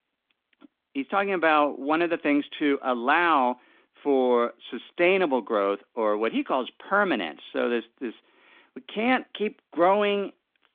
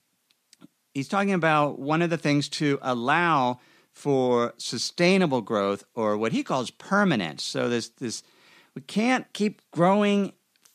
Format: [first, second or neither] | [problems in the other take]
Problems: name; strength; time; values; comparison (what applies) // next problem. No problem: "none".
second | phone-call audio; nothing above 3.5 kHz